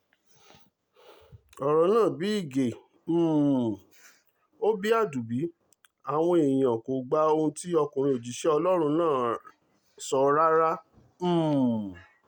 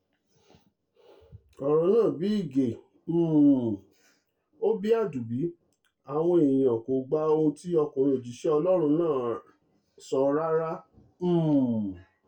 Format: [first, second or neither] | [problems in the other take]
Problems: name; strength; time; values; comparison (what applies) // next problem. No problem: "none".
first | room echo; dies away in 0.2 s